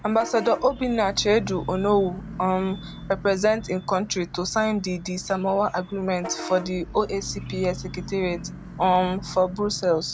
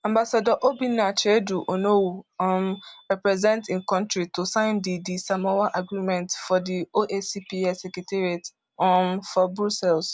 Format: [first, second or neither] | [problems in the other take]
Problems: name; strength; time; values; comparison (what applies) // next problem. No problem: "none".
second | background sound (Bus / Vehicle horn, car horn, honking); 13 dB below the speech